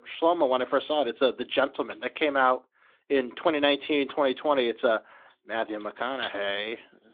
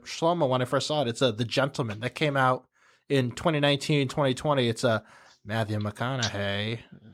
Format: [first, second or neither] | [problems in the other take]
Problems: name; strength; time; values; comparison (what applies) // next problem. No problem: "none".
second | phone-call audio; nothing above 3.5 kHz